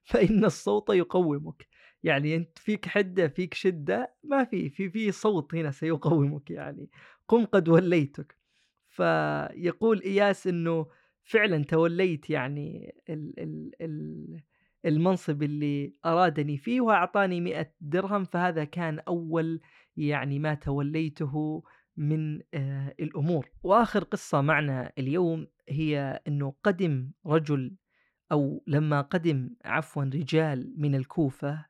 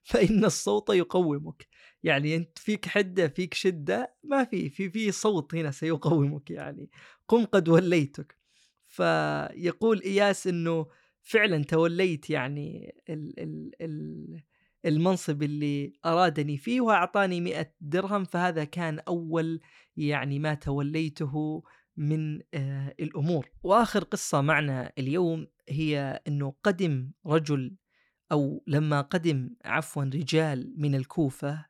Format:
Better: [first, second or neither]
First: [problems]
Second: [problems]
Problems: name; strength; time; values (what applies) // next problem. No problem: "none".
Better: second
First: muffled; slightly; fading above 3.5 kHz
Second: none